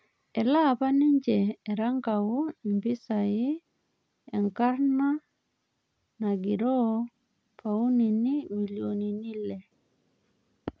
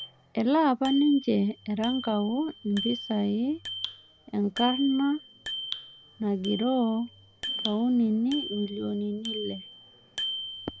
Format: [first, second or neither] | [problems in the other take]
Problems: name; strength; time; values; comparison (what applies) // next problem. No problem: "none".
first | background sound (Bicycle bell); 11 dB below the speech